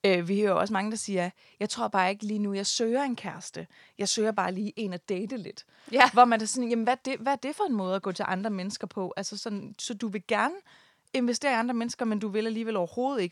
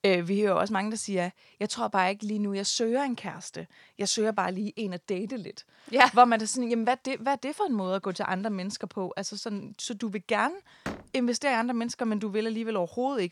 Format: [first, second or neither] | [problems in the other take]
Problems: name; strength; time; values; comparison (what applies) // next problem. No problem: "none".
first | door banging; faint; at 11 s; peak 10 dB below the speech